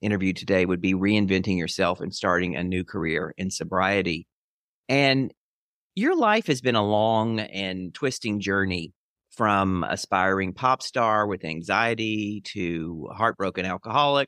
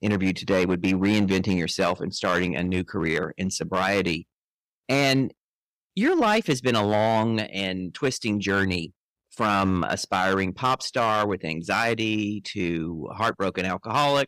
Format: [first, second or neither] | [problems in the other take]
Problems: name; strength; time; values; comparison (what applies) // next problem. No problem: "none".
first | distortion; slight; 6% of the sound clipped